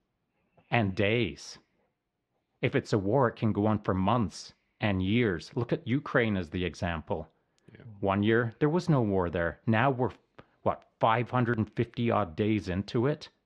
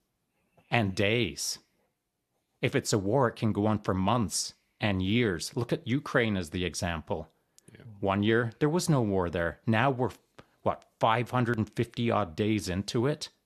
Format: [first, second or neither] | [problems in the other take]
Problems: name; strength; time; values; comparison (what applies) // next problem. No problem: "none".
second | muffled; slightly; fading above 3 kHz